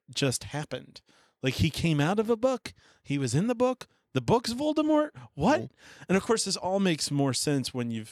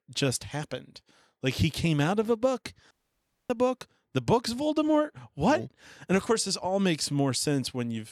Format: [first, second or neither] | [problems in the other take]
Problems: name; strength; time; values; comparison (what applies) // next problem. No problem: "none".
first | audio cutting out; at 3 s for 0.5 s